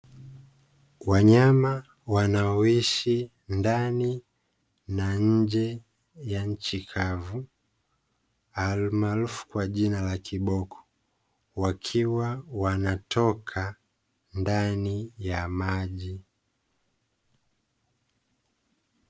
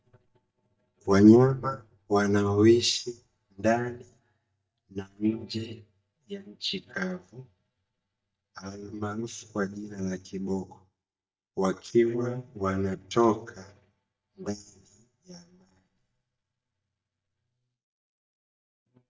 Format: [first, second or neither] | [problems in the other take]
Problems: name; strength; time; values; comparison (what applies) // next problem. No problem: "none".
first | noise reduction (neural mask model DeepFilterNet 3)